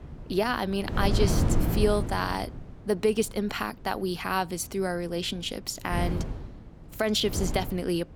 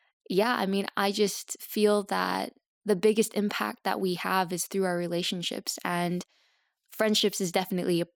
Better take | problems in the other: second | wind noise on the microphone; heavy; 8 dB below the speech

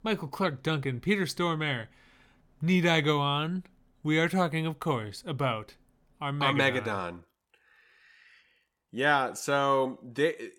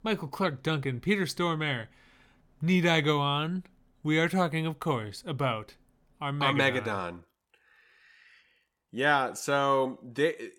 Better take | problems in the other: neither | none

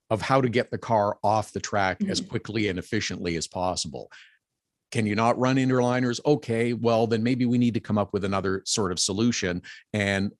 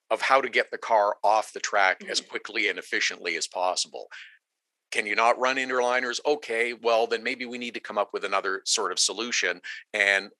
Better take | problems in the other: first | thin; very; fading below 450 Hz

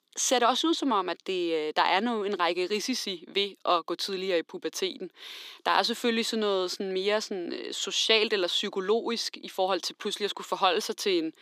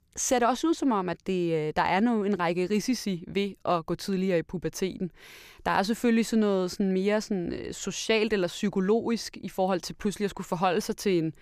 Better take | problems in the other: second | thin; somewhat; fading below 250 Hz

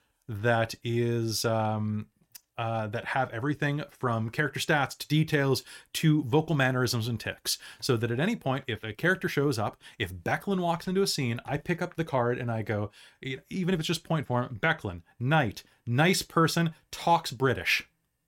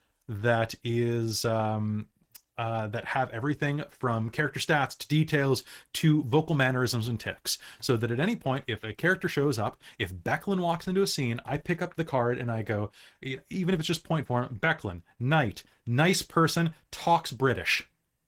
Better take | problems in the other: first | garbled, watery; slightly; nothing above 16.5 kHz

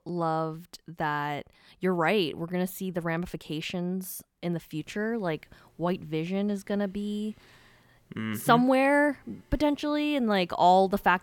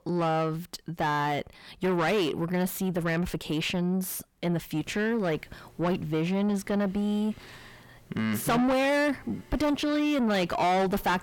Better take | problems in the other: first | distortion; heavy; 5 dB below the speech

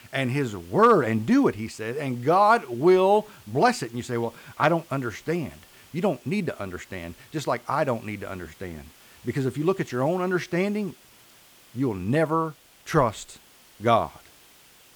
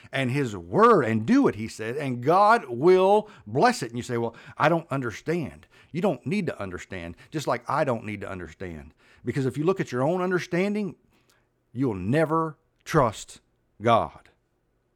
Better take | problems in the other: second | hiss; faint; throughout; 25 dB below the speech

